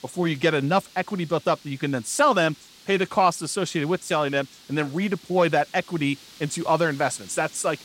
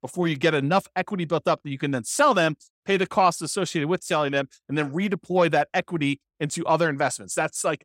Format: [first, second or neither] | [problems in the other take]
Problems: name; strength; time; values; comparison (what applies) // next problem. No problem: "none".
second | hiss; faint; throughout; 20 dB below the speech